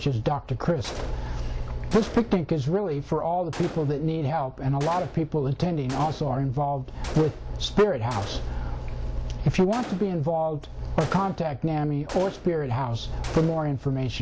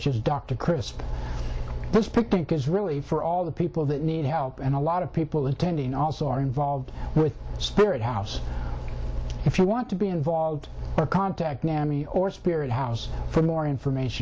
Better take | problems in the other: second | background sound (Gunshot, gunfire); 17 dB below the speech

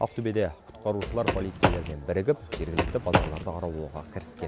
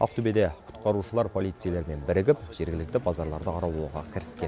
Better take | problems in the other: second | background sound (Run); 2 dB above the speech

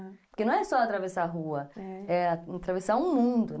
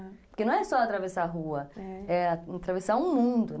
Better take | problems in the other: second | noise reduction (neural mask model Resemble Enhance denoiser)

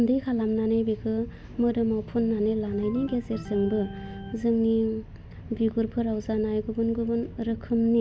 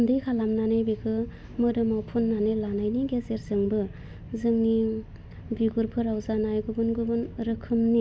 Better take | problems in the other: second | background sound (Organ); 16 dB below the speech

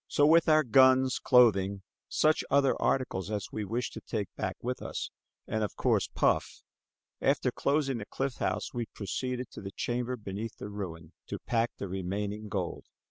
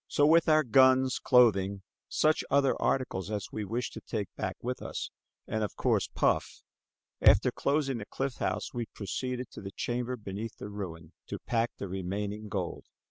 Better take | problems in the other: first | background sound (Bass drum); 4 dB above the speech

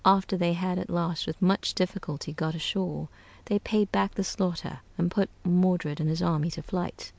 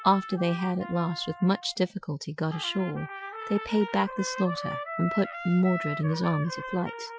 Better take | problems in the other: first | noise reduction (classical method Wiener filter)

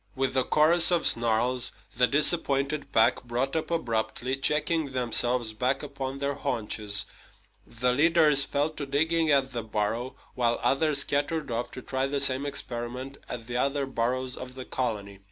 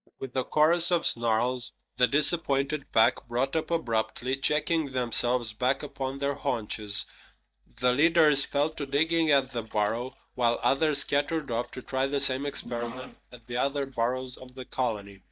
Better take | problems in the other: first | noise reduction (neural mask model DeepFilterNet 3)

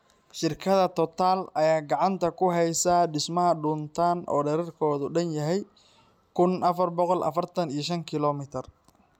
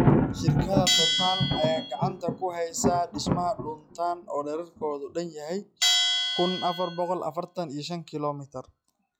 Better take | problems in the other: first | noise reduction (classical method log-MMSE)

